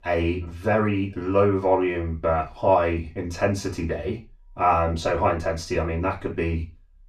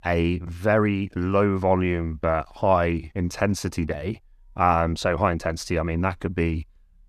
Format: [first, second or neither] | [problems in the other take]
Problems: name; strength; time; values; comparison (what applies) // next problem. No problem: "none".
second | room echo; very slight; dies away in 0.3 s // off-mic speech; far